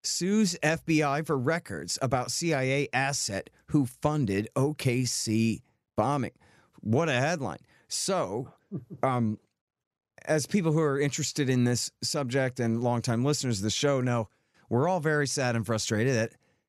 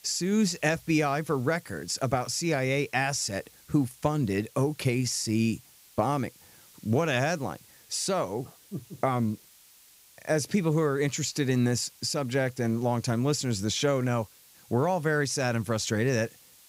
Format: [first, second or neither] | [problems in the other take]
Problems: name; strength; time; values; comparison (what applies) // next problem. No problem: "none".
first | hiss; faint; throughout; 25 dB below the speech